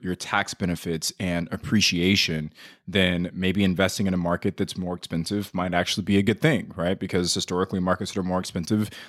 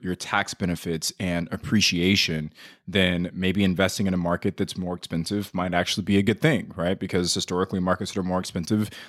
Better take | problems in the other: neither | none

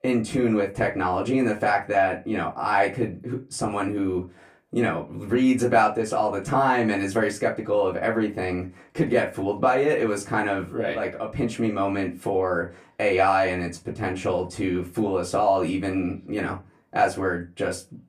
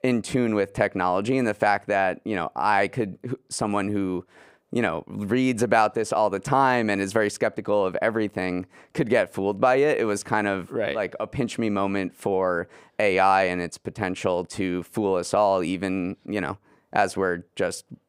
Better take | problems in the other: second | off-mic speech; far // room echo; very slight; dies away in 0.2 s

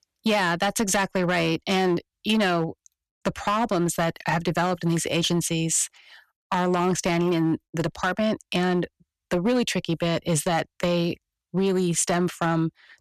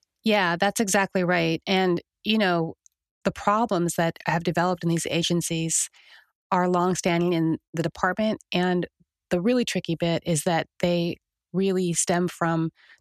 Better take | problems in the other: second | distortion; slight; 8% of the sound clipped

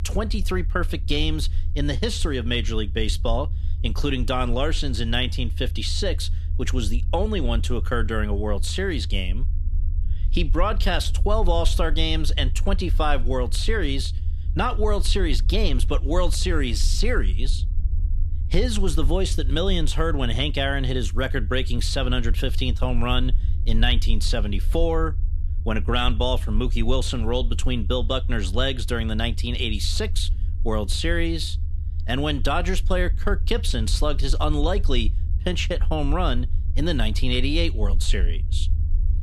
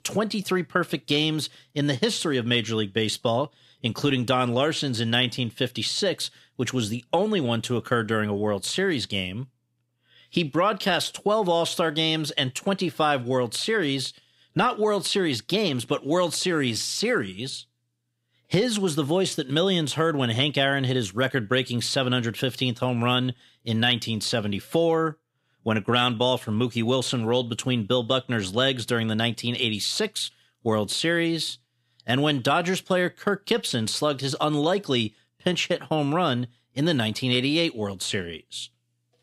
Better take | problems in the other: second | low rumble; noticeable; throughout; 20 dB below the speech

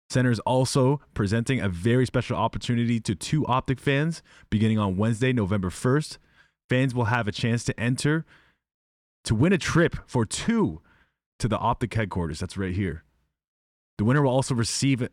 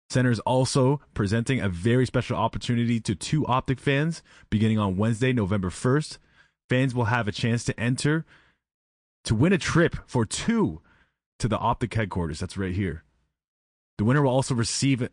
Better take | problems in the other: first | garbled, watery; slightly; nothing above 9 kHz

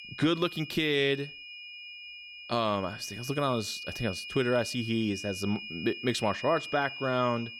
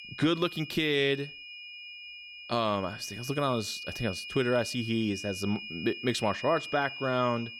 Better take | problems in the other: neither | high-pitched whine; loud; throughout; 2.5 kHz, 10 dB below the speech; the same in both

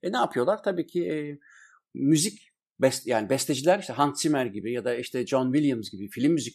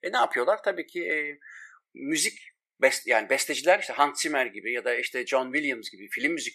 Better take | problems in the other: first | thin; somewhat; fading below 550 Hz

